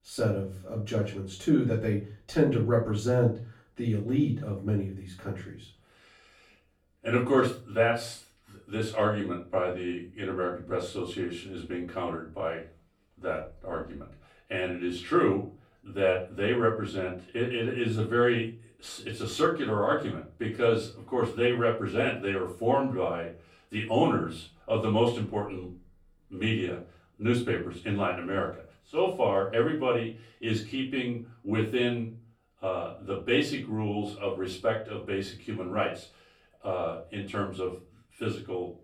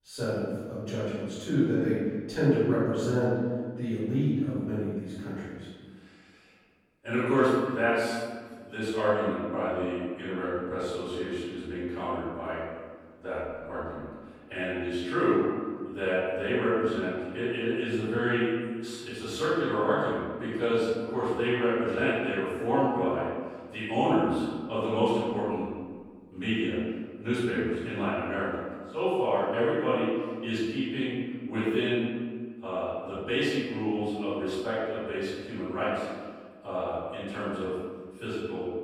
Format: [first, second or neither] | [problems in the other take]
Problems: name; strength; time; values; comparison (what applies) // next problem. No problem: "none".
first | room echo; strong; dies away in 1.5 s; slight in the first // off-mic speech; far; far in the first